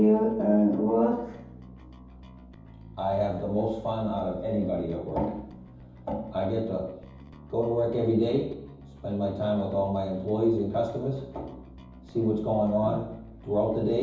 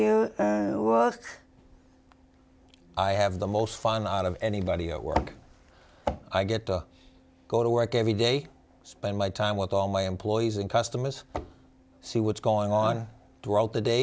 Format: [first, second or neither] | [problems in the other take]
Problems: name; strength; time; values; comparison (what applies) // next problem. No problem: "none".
second | background sound (Bass guitar); 19 dB below the speech // room echo; dies away in 0.9 s